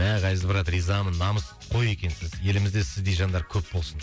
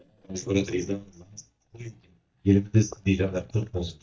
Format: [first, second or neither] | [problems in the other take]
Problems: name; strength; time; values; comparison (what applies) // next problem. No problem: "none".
first | noise reduction (neural mask model DeepFilterNet 3)